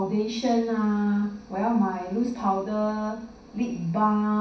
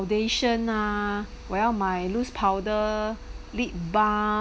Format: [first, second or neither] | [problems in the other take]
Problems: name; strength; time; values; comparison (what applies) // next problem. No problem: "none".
second | room echo; dies away in 0.6 s